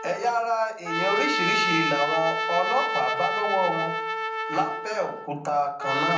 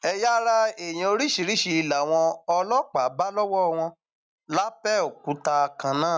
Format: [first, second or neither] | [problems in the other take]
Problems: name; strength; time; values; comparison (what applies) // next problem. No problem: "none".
second | background sound (Trumpet); 1 dB below the speech // room echo; dies away in 0.6 s